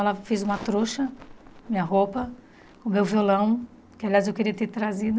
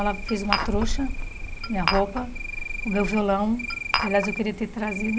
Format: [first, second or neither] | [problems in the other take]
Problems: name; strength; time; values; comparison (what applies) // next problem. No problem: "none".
first | background sound (Glass + Cricket); 2 dB below the speech